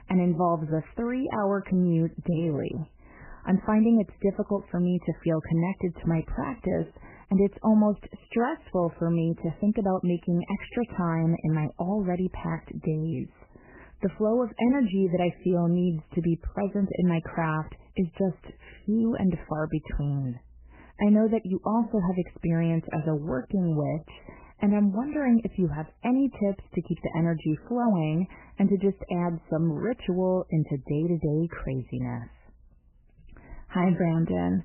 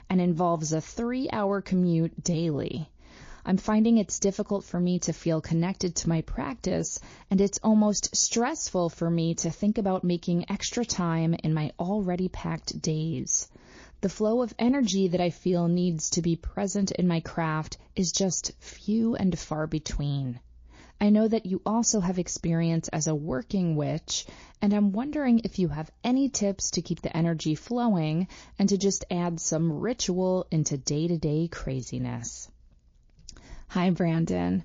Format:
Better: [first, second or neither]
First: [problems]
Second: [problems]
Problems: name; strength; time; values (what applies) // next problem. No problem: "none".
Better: second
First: garbled, watery; badly; nothing above 3 kHz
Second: garbled, watery; slightly; nothing above 6.5 kHz